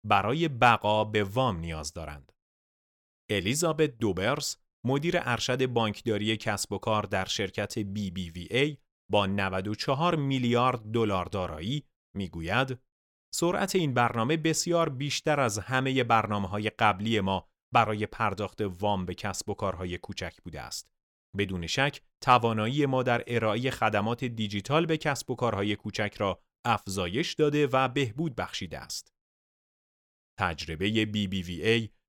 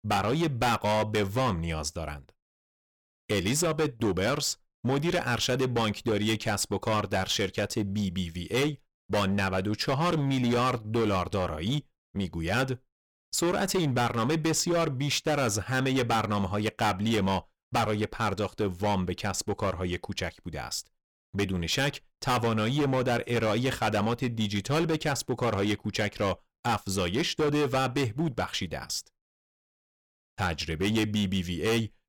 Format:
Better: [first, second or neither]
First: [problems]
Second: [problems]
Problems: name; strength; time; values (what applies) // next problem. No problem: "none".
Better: first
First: none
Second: distortion; heavy; 13% of the sound clipped